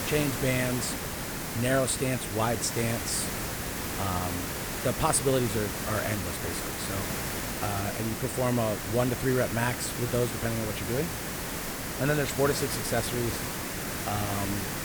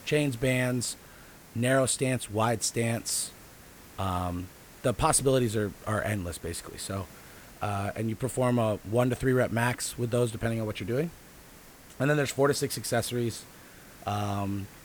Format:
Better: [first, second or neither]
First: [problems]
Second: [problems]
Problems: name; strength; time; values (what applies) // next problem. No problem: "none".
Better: second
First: hiss; loud; throughout; 3 dB below the speech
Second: hiss; faint; throughout; 20 dB below the speech